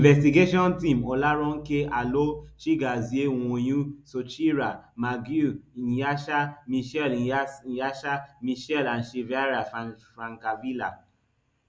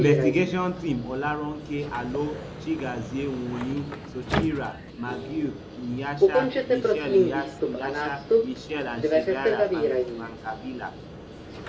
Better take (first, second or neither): first